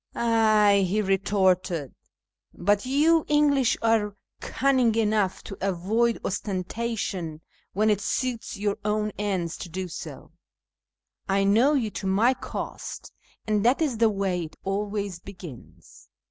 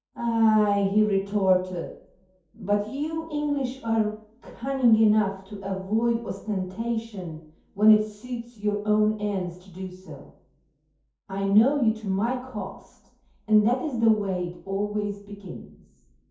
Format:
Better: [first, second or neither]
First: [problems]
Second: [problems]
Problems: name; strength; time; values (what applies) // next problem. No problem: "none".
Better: first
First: none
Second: room echo; dies away in 0.6 s